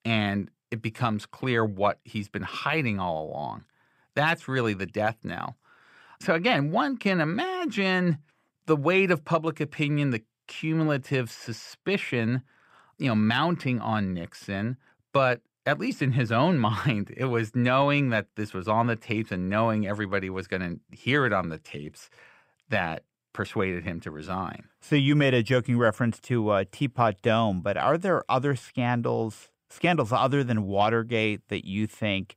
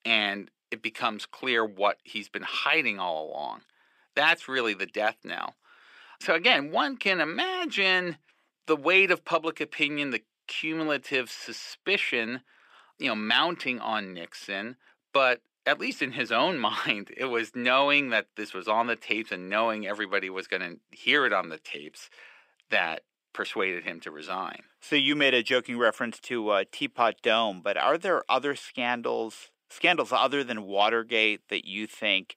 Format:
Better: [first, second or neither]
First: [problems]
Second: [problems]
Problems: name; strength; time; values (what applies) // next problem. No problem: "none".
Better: first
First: none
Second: thin; somewhat; fading below 300 Hz